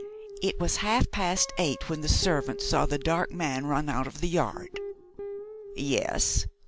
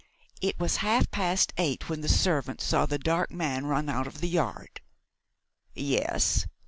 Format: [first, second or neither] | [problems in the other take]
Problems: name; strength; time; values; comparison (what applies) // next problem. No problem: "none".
second | background sound (Guitar); 14 dB below the speech